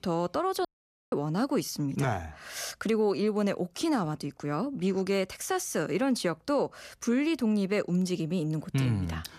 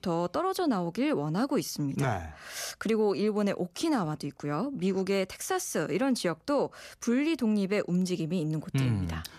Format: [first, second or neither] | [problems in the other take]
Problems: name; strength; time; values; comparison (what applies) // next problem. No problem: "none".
second | audio cutting out; at 0.5 s